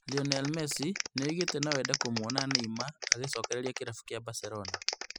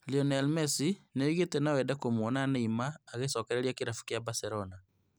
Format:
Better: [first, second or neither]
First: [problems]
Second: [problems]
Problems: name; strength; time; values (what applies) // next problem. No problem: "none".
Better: second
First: noise reduction (classical method spectral subtraction)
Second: none